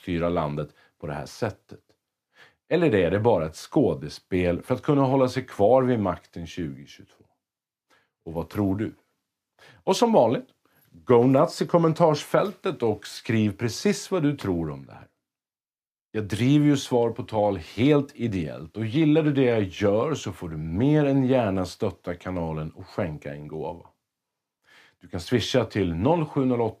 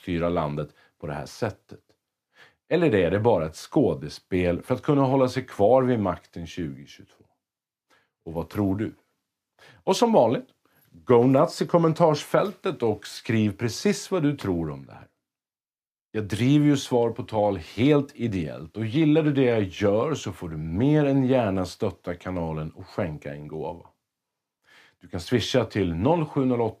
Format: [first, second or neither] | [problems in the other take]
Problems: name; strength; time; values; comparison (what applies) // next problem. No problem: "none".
neither | none